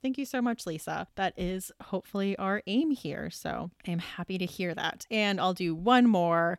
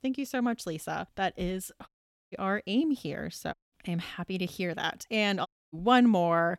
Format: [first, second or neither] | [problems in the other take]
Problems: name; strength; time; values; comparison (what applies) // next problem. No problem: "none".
first | audio cutting out; at 2 s, at 3.5 s and at 5.5 s